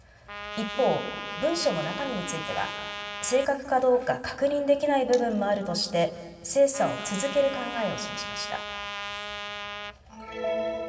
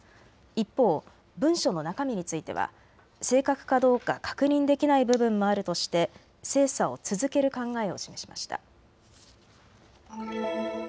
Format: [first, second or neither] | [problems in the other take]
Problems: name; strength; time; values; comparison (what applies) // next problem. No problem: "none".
second | background sound (Trumpet); 9 dB below the speech // room echo; dies away in 1.9 s